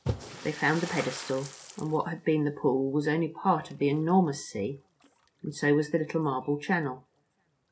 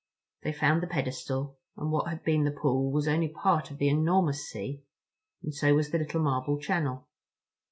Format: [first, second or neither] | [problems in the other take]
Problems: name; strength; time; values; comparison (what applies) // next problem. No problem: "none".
second | background sound (Splash, splatter); 15 dB below the speech // room echo; dies away in 0.3 s